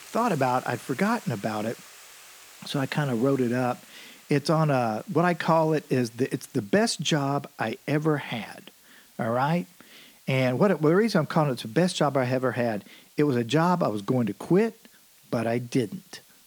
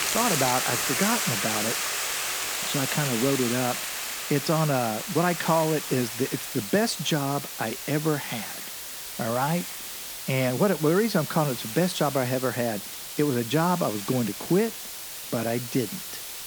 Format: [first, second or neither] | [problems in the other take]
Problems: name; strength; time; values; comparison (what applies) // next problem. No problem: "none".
first | hiss; loud; throughout; 3 dB below the speech; faint in the first